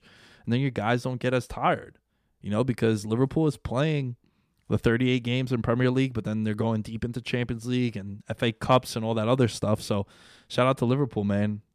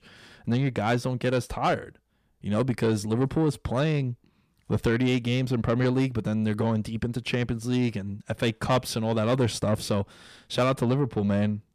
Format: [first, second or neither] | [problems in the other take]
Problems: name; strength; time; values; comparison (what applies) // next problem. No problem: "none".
first | distortion; slight; 10 dB below the speech